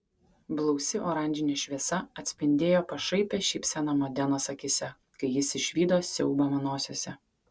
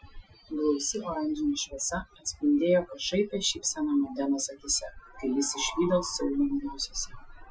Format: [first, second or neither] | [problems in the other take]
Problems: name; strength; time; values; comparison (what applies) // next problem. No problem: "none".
first | noise reduction (classical method Wiener filter)